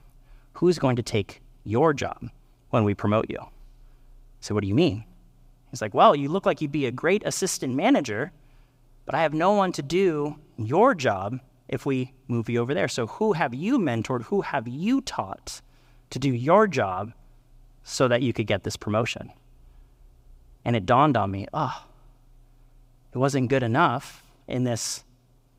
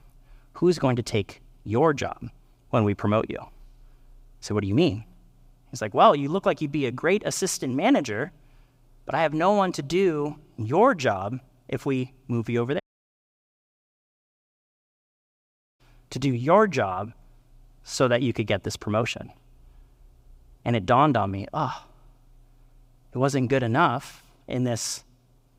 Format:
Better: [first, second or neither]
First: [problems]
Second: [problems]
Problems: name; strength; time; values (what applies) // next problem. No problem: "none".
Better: first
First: none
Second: audio cutting out; at 13 s for 3 s